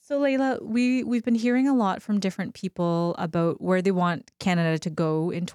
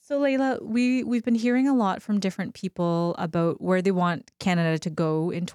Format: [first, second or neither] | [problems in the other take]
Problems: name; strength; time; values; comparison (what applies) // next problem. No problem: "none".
neither | none